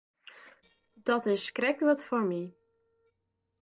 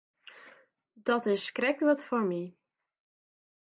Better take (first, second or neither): second